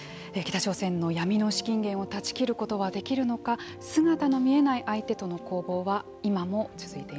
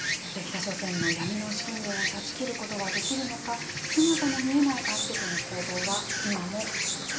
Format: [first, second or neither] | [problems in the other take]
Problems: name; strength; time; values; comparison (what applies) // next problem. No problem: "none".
first | background sound (Insect); 1 dB below the speech // room echo; dies away in 0.3 s